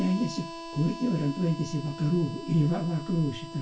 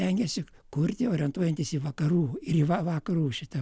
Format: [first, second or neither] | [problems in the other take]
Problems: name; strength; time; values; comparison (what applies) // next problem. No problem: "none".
second | background sound (Harmonica); 13 dB below the speech // room echo; dies away in 0.2 s